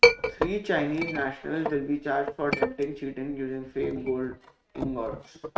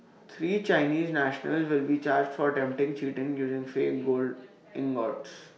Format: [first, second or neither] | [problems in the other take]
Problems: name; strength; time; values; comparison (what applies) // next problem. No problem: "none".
second | noise reduction (neural mask model RNNoise)